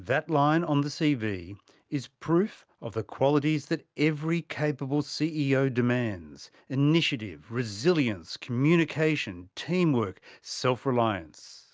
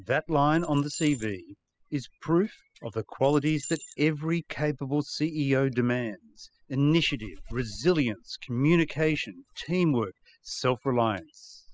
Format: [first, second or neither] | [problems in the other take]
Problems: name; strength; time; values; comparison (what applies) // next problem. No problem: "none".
first | noise reduction (classical method spectral subtraction)